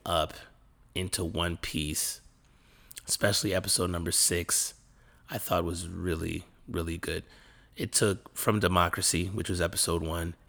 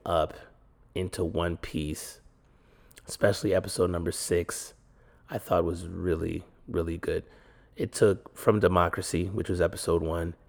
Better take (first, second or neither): first